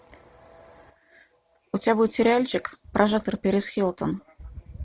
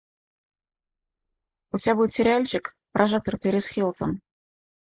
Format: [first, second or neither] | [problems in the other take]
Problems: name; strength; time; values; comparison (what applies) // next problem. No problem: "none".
first | noise reduction (neural mask model Resemble Enhance denoiser)